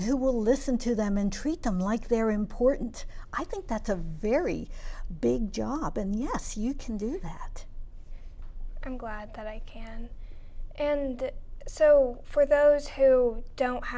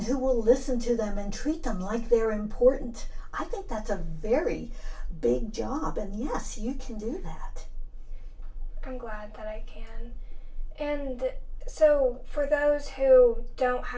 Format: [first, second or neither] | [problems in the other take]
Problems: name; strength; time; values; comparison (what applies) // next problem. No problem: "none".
first | room echo; dies away in 0.2 s